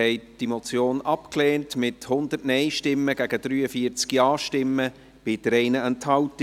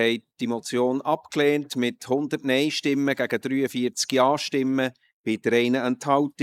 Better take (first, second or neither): first